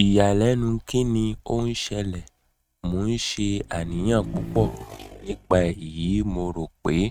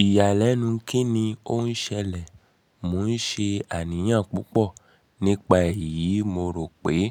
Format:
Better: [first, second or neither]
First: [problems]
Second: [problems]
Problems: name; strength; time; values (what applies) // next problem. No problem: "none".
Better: second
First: noise reduction (neural mask model RNNoise)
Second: none